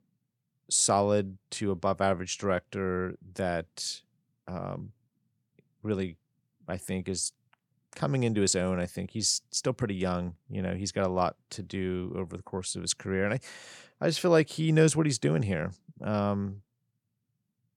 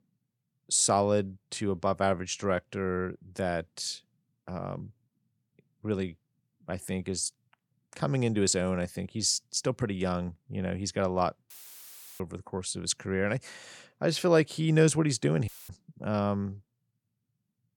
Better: first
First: none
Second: audio cutting out; filled with static; at 12 s for 0.5 s and at 15 s

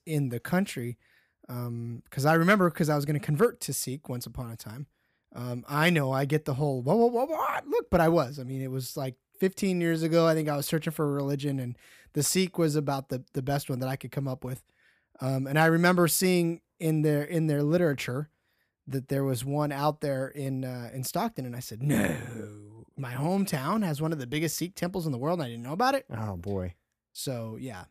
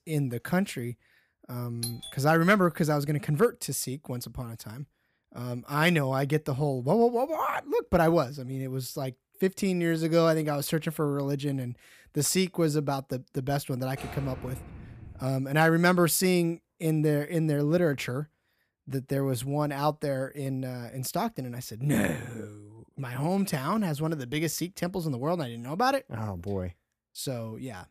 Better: first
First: none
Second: doorbell; noticeable; at 2 s; peak 8 dB below the speech // door banging; faint; from 14 to 15 s; peak 10 dB below the speech

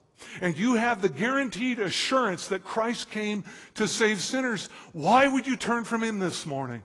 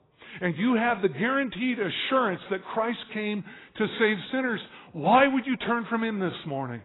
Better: first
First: garbled, watery; slightly; nothing above 10.5 kHz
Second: garbled, watery; badly; nothing above 4 kHz

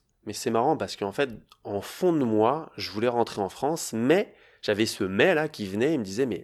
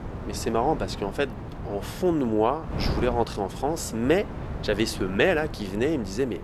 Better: first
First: none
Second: wind noise on the microphone; occasional gusts; 15 dB below the speech

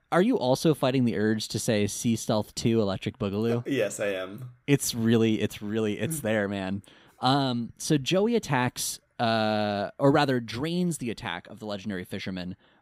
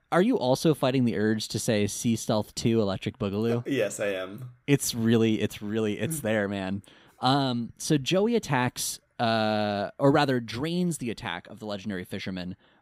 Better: neither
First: none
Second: none

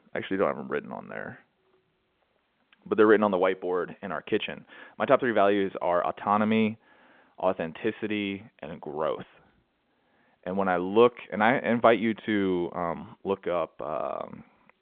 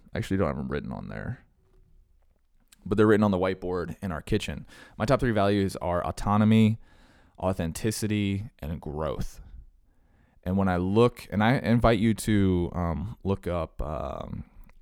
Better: second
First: phone-call audio; nothing above 3.5 kHz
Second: none

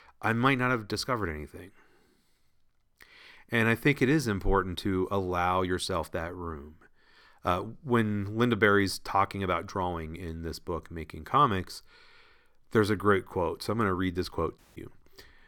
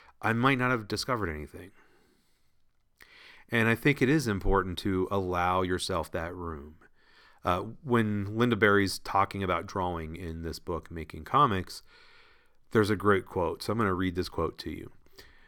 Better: second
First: audio cutting out; at 15 s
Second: none

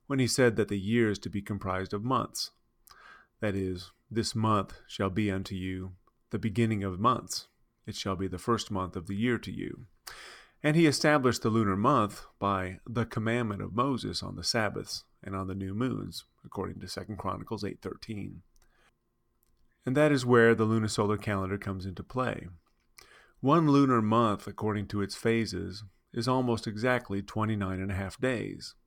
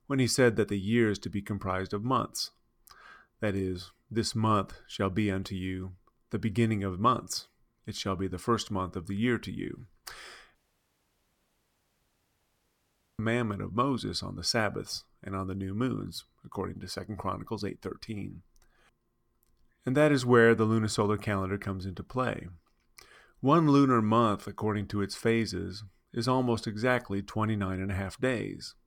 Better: first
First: none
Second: audio cutting out; at 11 s for 2.5 s

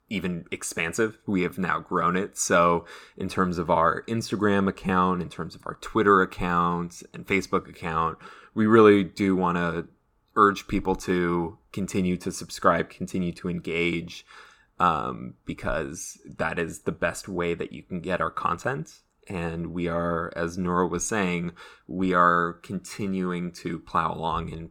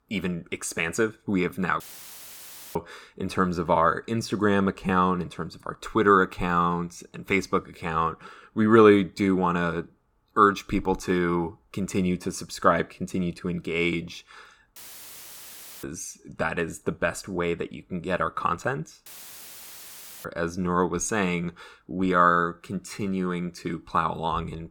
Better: first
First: none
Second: audio cutting out; filled with static; at 2 s for 1 s, at 15 s for 1 s and at 19 s for 1 s

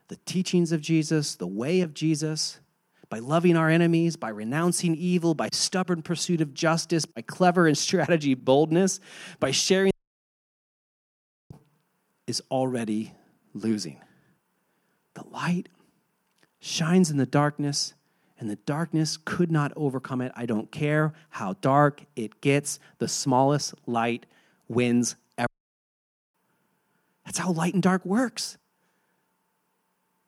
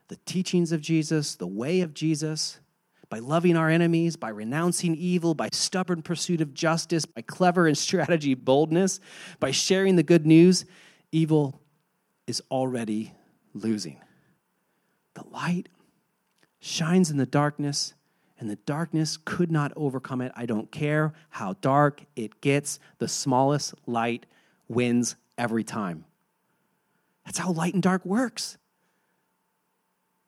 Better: second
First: audio cutting out; at 10 s for 1.5 s and at 25 s for 1 s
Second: none

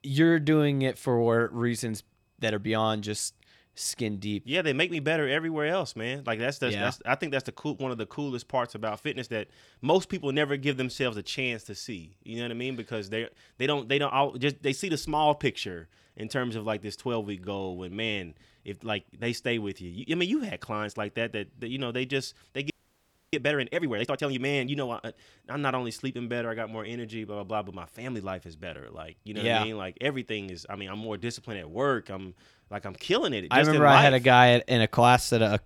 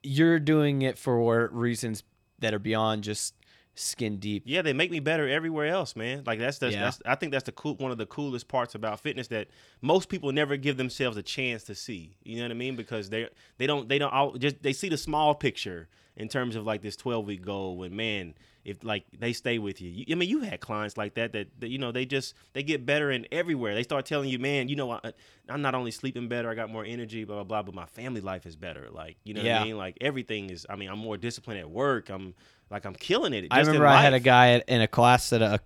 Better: second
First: audio freezing; at 23 s for 0.5 s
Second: none

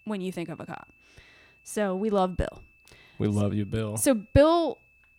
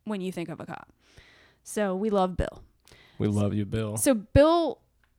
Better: second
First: high-pitched whine; faint; throughout; 2.5 kHz, 30 dB below the speech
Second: none

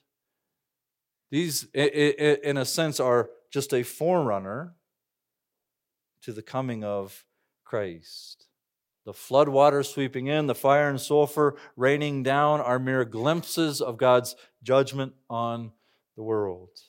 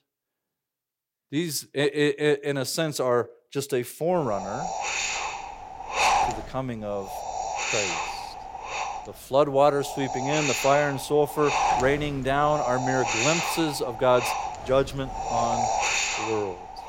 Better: first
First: none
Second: wind noise on the microphone; heavy; from 4 s on; 1 dB below the speech

